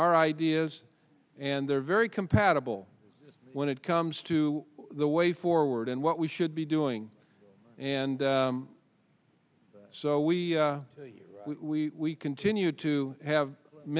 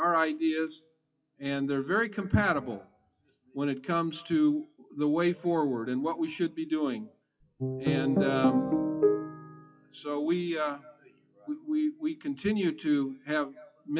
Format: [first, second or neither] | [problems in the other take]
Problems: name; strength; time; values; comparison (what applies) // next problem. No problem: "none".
first | noise reduction (classical method WPE with log-MMSE)